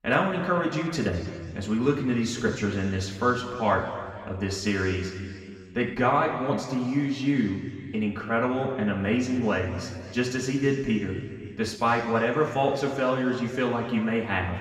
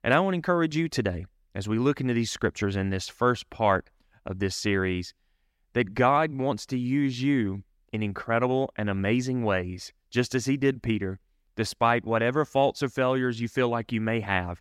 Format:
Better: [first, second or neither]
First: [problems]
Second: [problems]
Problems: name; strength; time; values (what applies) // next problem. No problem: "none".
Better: second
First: room echo; noticeable; dies away in 2.2 s // off-mic speech; somewhat distant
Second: none